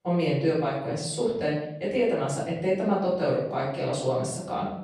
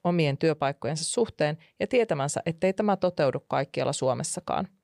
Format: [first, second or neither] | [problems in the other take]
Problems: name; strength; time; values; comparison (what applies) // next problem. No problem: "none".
second | off-mic speech; far // room echo; noticeable; dies away in 0.7 s